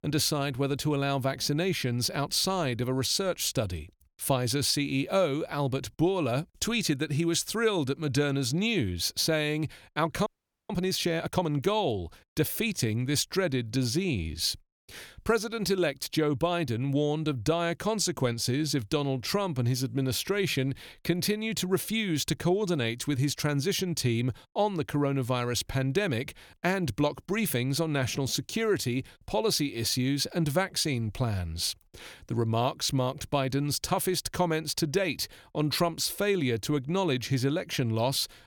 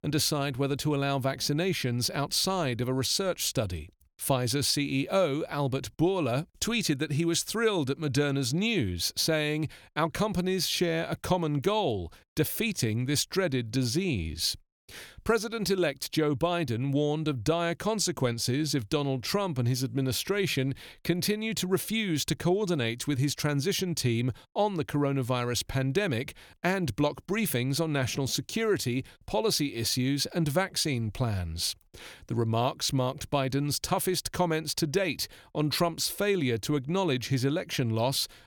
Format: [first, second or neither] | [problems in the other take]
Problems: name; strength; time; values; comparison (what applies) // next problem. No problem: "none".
second | audio freezing; at 10 s